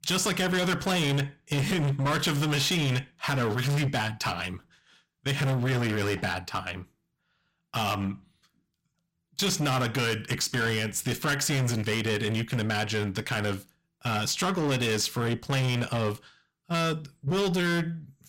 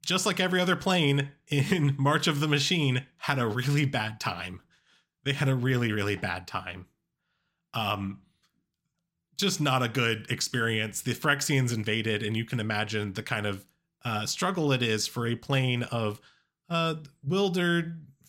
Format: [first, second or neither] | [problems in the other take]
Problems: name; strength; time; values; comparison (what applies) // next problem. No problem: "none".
second | distortion; heavy; 18% of the sound clipped